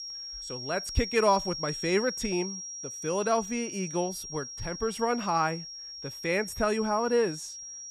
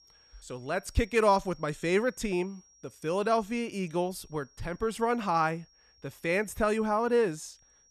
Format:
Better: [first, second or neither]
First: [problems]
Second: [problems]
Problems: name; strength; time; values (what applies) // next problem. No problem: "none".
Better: second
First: high-pitched whine; loud; throughout; 5.5 kHz, 8 dB below the speech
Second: high-pitched whine; faint; throughout; 5.5 kHz, 30 dB below the speech